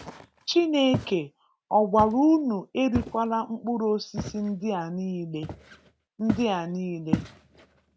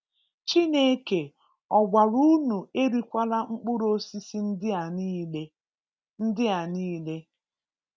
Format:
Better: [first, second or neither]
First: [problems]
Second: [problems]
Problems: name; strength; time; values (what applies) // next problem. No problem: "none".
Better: second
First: background sound (Walk, footsteps); 11 dB below the speech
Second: none